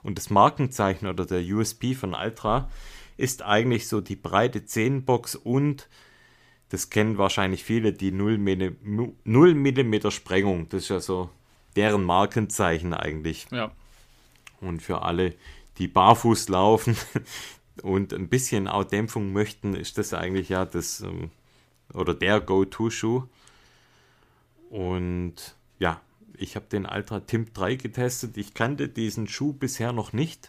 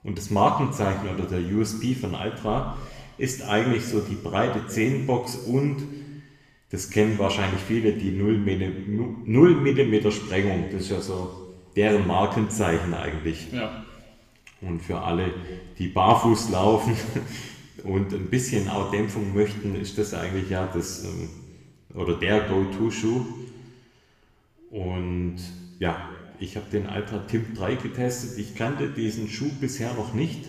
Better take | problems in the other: first | room echo; noticeable; dies away in 1.2 s // off-mic speech; somewhat distant

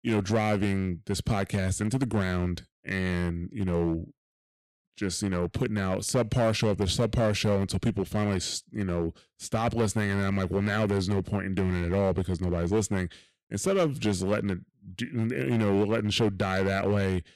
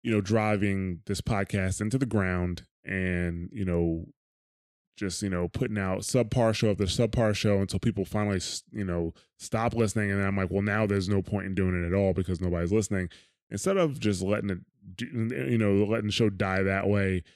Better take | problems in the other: second | distortion; slight; 6% of the sound clipped

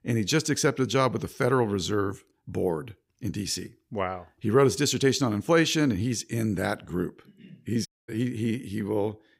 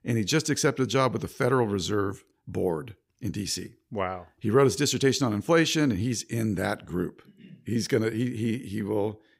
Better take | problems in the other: second | audio cutting out; at 8 s

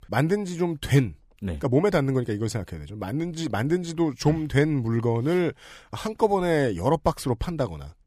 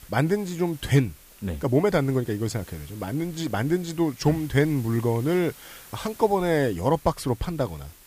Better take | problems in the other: first | hiss; faint; throughout; 20 dB below the speech

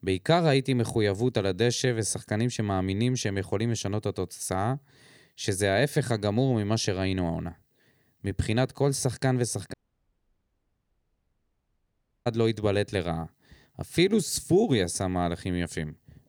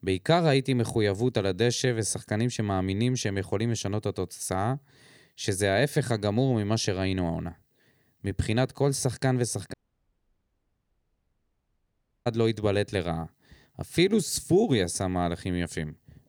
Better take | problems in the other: neither | audio cutting out; at 9.5 s for 2.5 s; the same in both

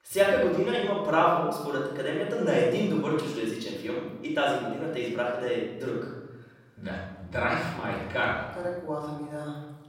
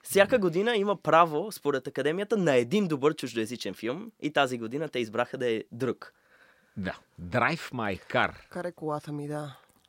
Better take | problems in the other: second | off-mic speech; far // room echo; noticeable; dies away in 1.1 s

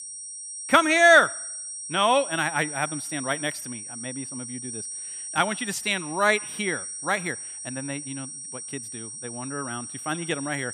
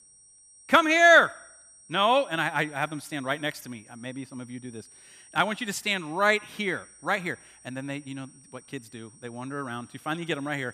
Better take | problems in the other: second | high-pitched whine; loud; throughout; 8.5 kHz, 10 dB below the speech; faint in the second

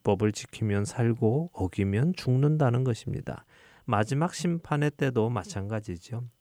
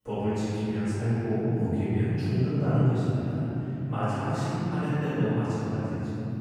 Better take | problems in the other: first | off-mic speech; far // room echo; strong; dies away in 3 s

